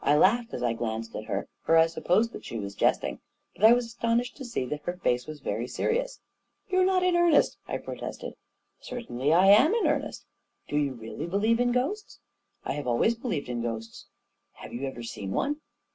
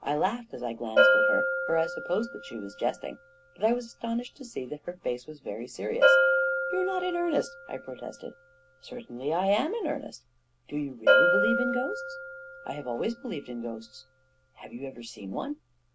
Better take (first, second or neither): first